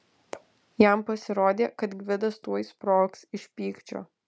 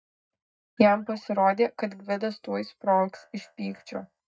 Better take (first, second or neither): first